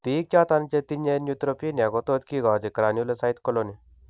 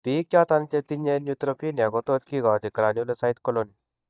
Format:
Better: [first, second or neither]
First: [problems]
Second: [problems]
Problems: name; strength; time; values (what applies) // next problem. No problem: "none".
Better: first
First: none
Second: noise reduction (neural mask model DeepFilterNet 3)